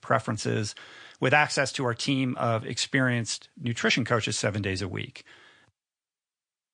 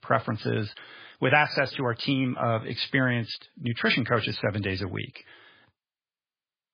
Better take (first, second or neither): first